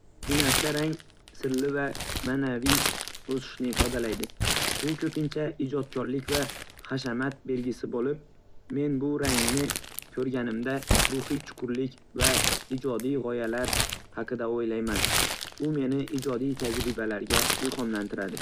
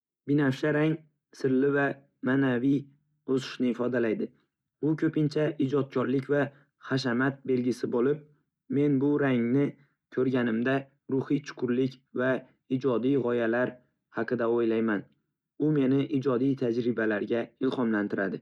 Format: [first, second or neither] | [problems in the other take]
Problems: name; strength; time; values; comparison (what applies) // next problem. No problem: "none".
second | background sound (Crumpling, crinkling); 1 dB below the speech